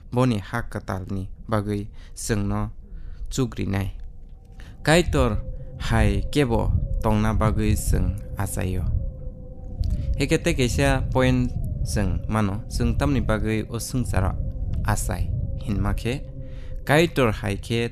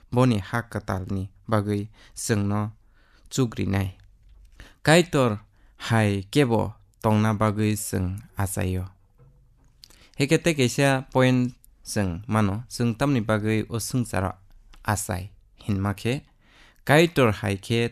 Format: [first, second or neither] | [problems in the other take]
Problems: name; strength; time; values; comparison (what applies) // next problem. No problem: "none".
second | low rumble; noticeable; throughout; 15 dB below the speech